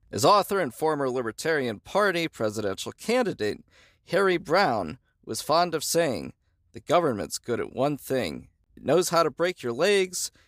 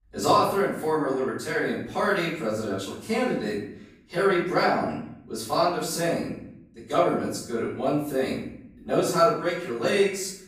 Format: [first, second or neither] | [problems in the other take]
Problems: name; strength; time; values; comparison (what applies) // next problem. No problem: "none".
first | off-mic speech; far // room echo; noticeable; dies away in 0.6 s